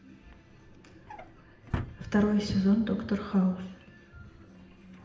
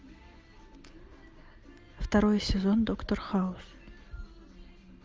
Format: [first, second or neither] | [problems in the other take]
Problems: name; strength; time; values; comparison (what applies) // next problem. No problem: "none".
second | background sound (Drawer open or close); 14 dB below the speech // room echo; dies away in 0.8 s